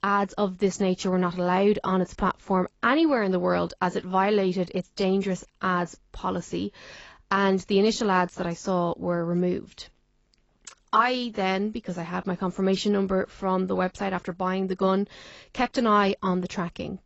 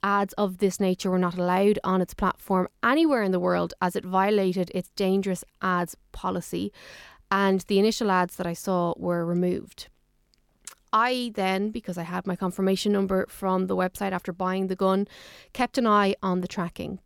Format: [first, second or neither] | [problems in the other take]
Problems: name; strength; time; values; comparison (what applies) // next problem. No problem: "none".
second | garbled, watery; badly; nothing above 7.5 kHz